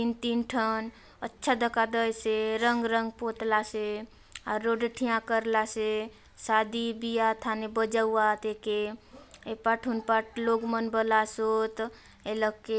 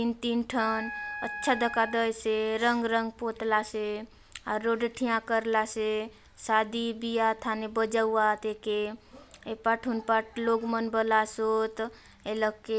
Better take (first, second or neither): first